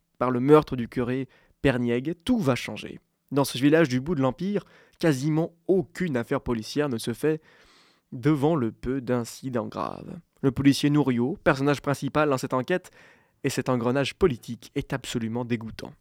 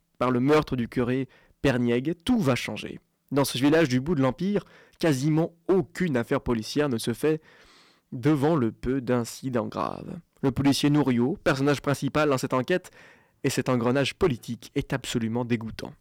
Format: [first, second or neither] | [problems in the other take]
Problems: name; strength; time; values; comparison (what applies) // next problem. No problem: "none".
first | distortion; slight; 5% of the sound clipped